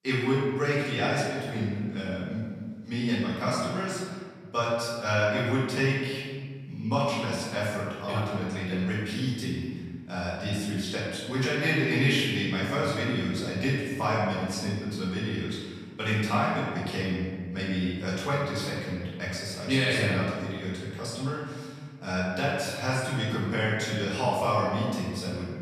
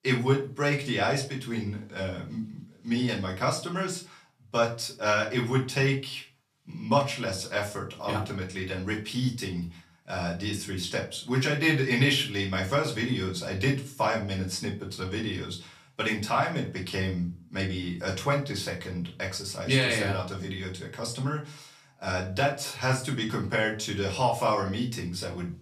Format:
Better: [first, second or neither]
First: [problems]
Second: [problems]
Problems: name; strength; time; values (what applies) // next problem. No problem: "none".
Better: second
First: room echo; strong; dies away in 1.6 s // off-mic speech; far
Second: room echo; slight; dies away in 0.3 s // off-mic speech; far